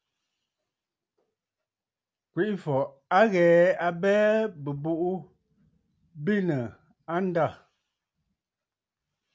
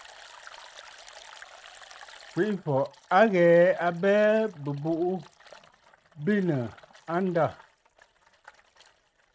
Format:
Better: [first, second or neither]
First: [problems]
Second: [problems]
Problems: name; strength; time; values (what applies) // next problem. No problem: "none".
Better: first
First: none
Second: noise reduction (neural mask model RNNoise)